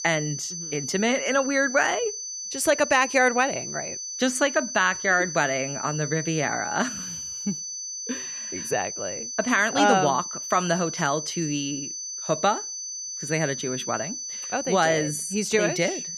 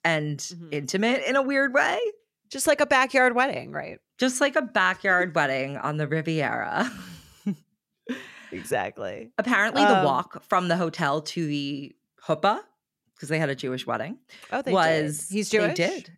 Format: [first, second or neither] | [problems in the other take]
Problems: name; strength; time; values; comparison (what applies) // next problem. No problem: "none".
second | high-pitched whine; loud; throughout; 6 kHz, 6 dB below the speech